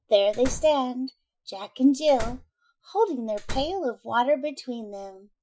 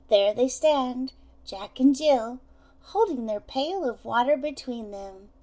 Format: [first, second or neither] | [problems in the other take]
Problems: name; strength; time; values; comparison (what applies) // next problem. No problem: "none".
second | noise reduction (classical method Wiener filter)